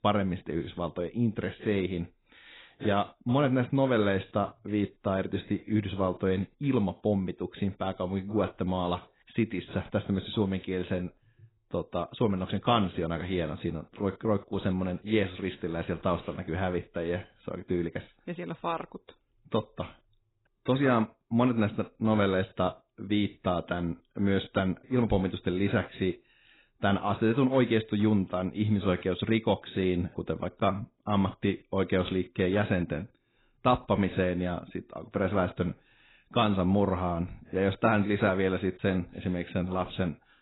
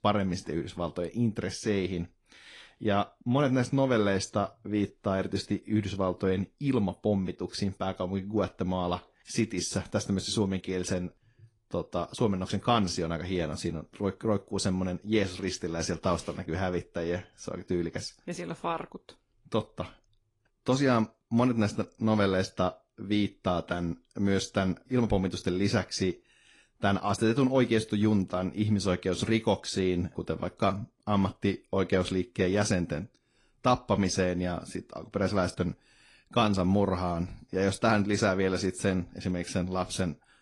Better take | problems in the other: second | garbled, watery; badly; nothing above 4 kHz; slightly in the second

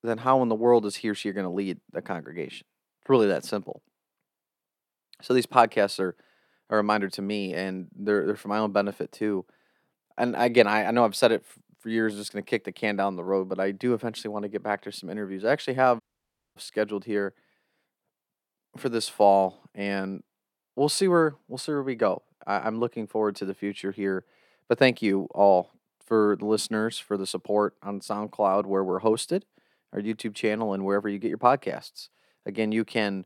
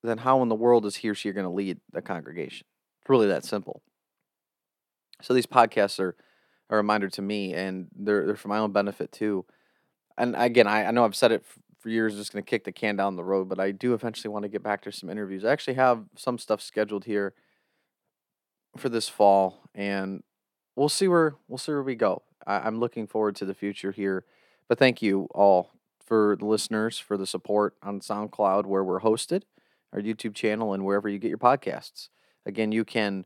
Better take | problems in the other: second | audio cutting out; at 16 s for 0.5 s

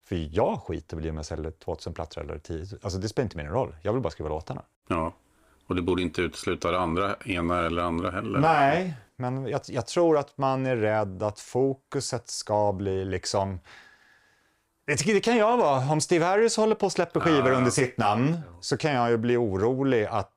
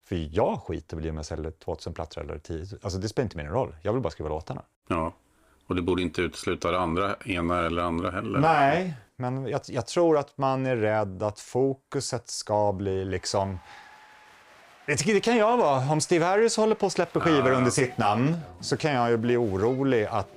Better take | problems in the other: first | crowd noise; faint; from 13 s on; 25 dB below the speech

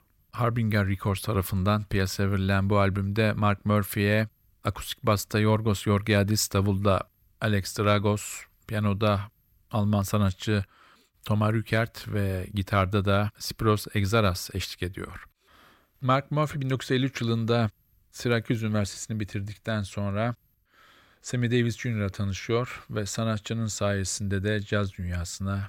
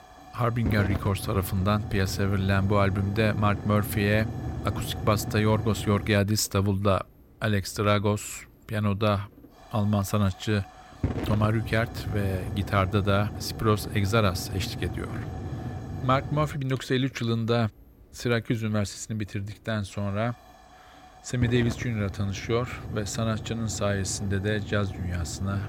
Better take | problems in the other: first | hiss; loud; throughout; 8 dB below the speech

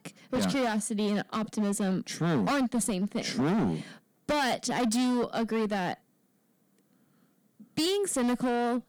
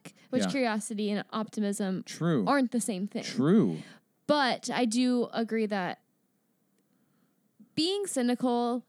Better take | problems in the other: second | distortion; heavy; 17% of the sound clipped

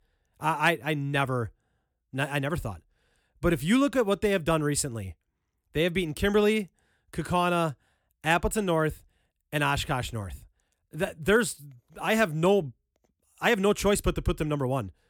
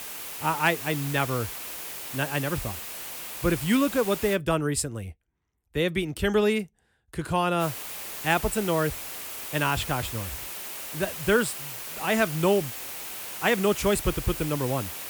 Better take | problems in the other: first | hiss; loud; until 4.5 s and from 7.5 s on; 7 dB below the speech

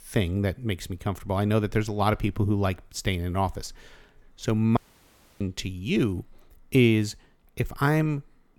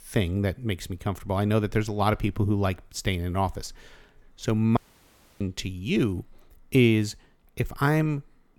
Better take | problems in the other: neither | audio cutting out; at 5 s for 0.5 s; the same in both

